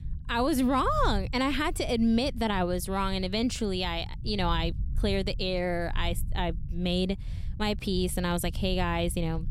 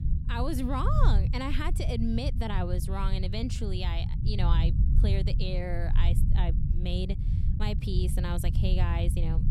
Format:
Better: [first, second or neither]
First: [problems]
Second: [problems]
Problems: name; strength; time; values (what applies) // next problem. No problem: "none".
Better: first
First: low rumble; faint; throughout; 25 dB below the speech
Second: low rumble; loud; throughout; 8 dB below the speech